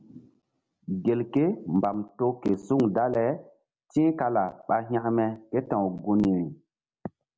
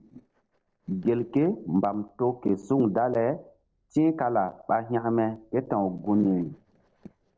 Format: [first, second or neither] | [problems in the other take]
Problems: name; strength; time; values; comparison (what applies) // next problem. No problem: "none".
first | noise reduction (neural separator model SepFormer DNS4)